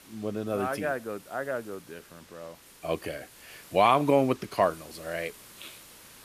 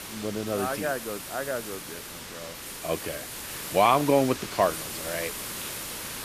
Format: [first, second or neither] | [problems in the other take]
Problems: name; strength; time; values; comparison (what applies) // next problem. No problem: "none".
first | hiss; loud; throughout; 8 dB below the speech; faint in the first